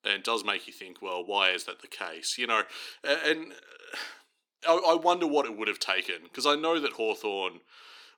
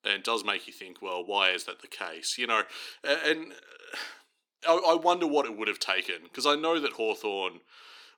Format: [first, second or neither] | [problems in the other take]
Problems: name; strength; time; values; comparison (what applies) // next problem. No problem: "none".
neither | thin; somewhat; fading below 350 Hz; the same in both